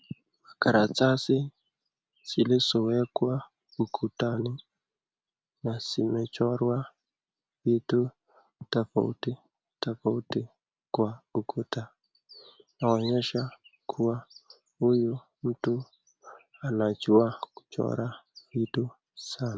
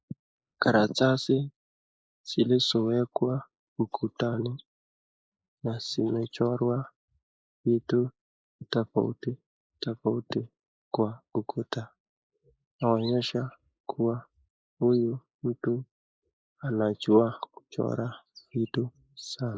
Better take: first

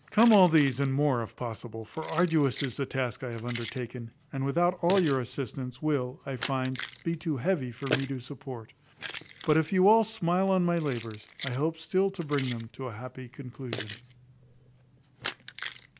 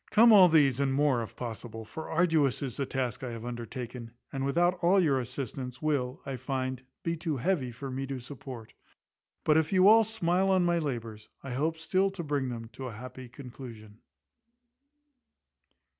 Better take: second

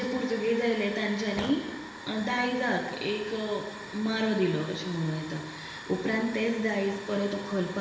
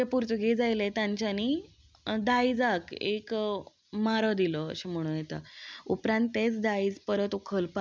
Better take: second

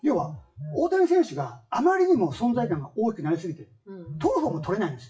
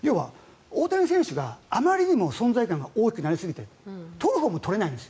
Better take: second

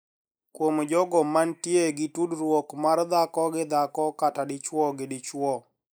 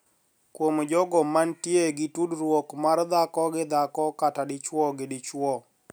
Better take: second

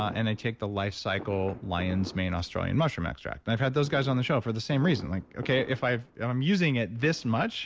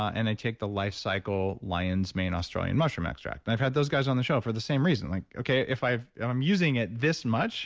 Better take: second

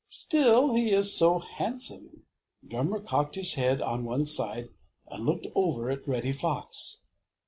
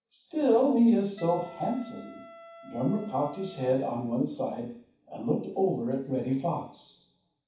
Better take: first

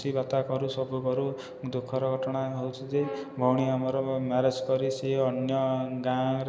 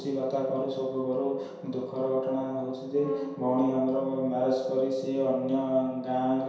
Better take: first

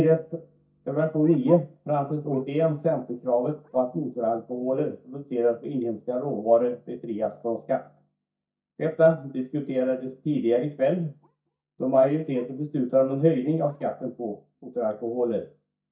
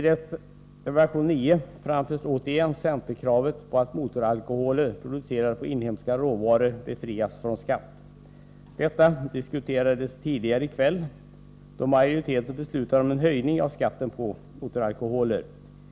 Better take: second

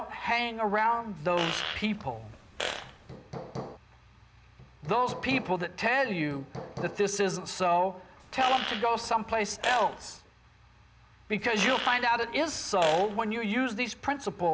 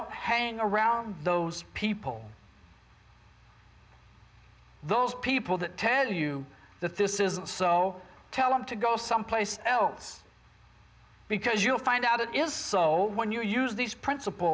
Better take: second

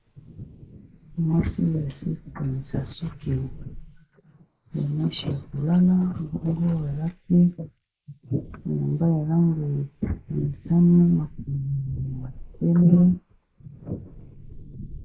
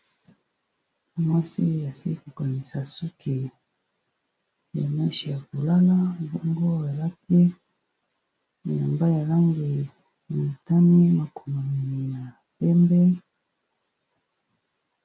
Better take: second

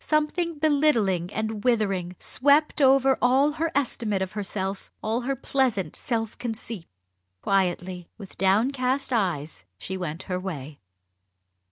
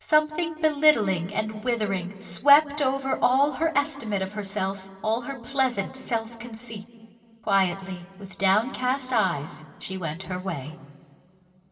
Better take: first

